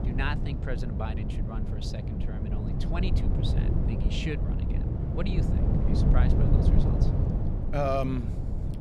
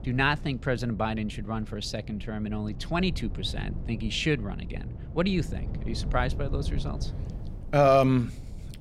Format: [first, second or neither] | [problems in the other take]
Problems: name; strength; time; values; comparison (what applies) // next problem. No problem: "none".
second | low rumble; loud; throughout; 3 dB below the speech; faint in the second